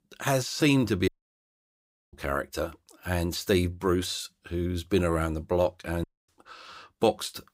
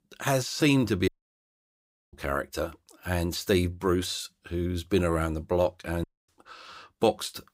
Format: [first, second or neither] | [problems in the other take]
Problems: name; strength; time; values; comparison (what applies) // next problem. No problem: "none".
neither | audio cutting out; at 1 s for 1 s and at 6 s; the same in both